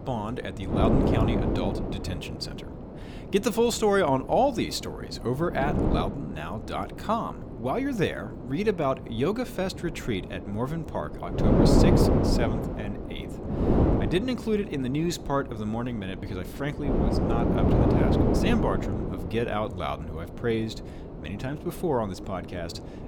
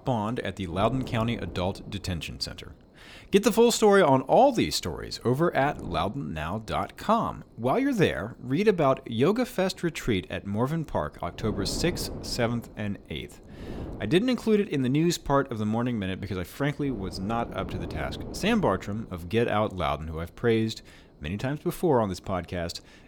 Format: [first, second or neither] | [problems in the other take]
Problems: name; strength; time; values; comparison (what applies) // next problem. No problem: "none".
second | wind noise on the microphone; heavy; as loud as the speech; occasional gusts in the second